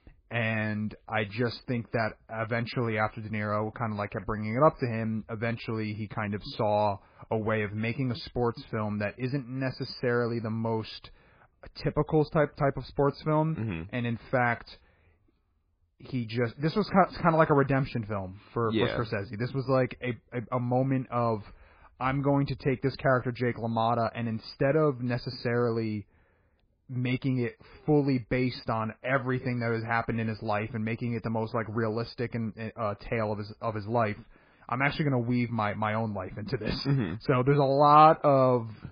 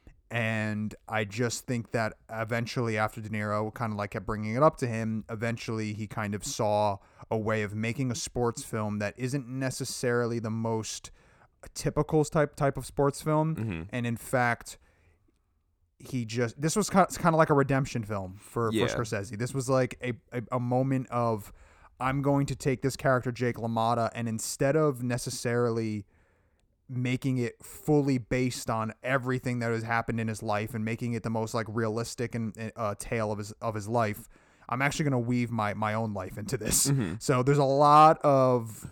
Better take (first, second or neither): second